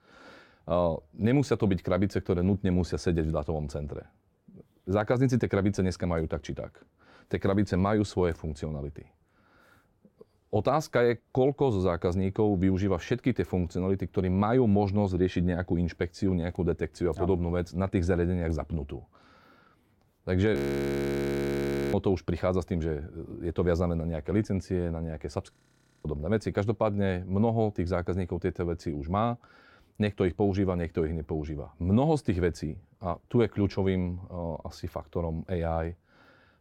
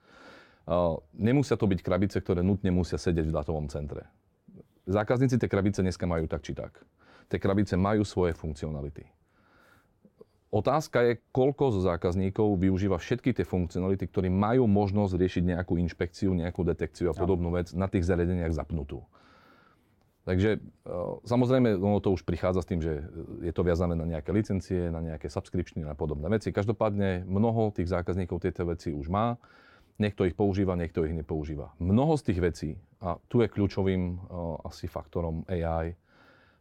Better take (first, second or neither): second